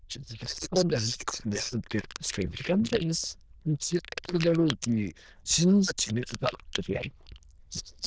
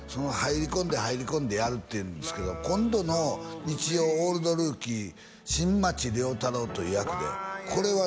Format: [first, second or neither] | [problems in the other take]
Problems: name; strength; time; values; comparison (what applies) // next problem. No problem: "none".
second | noise reduction (neural diffusion model UNIVERSE++)